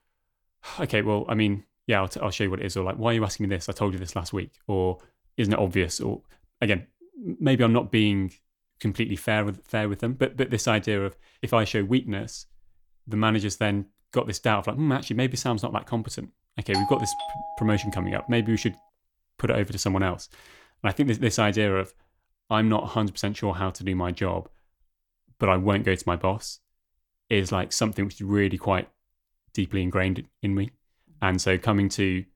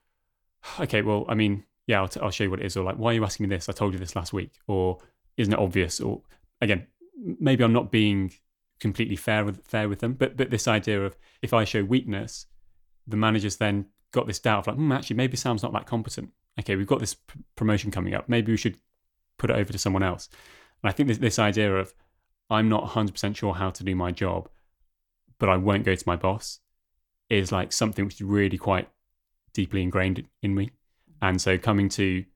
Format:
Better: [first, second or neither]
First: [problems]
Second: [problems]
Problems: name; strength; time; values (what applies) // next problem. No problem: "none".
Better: second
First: doorbell; noticeable; from 17 to 18 s; peak 2 dB below the speech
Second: none